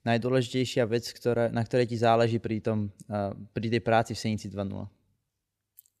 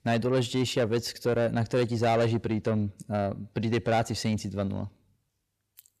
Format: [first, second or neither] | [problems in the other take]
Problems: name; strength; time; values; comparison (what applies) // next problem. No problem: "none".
first | distortion; slight; 10 dB below the speech